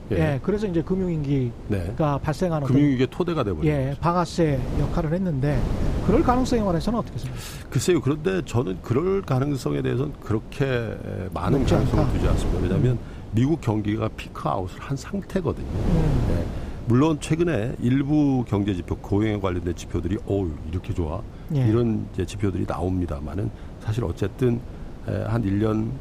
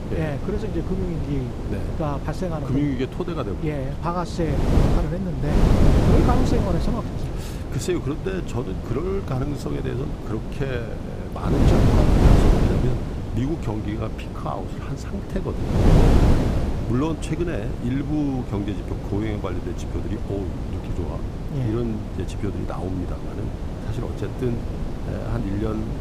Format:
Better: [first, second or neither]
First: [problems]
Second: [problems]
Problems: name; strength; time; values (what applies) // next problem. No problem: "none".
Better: first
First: wind noise on the microphone; occasional gusts; 15 dB below the speech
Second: wind noise on the microphone; heavy; as loud as the speech